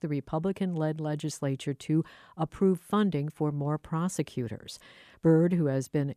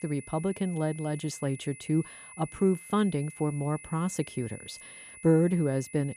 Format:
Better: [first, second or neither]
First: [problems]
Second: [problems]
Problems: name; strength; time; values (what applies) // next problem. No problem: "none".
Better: first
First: none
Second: high-pitched whine; noticeable; throughout; 2 kHz, 15 dB below the speech